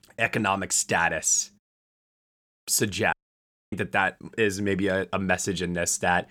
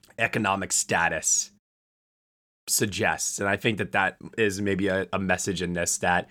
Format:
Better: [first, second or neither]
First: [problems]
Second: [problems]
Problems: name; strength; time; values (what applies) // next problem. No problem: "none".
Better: second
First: audio cutting out; at 3 s for 0.5 s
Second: none